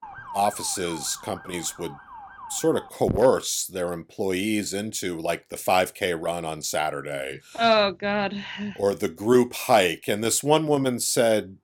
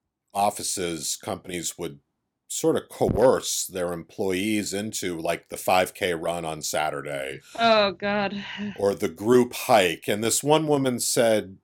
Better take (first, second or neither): second